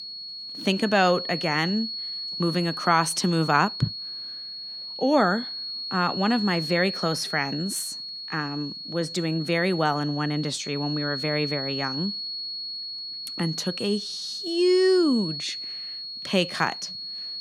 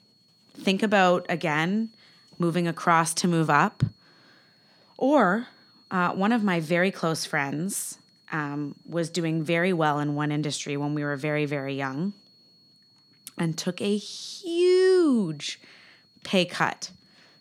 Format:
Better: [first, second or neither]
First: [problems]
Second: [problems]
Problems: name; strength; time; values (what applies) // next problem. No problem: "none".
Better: second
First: high-pitched whine; loud; throughout; 4.5 kHz, 6 dB below the speech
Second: high-pitched whine; faint; throughout; 4.5 kHz, 30 dB below the speech